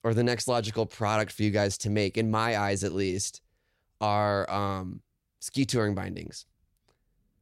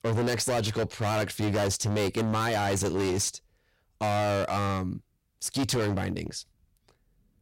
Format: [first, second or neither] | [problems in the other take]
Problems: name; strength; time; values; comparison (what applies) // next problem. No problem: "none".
first | distortion; heavy; 21% of the sound clipped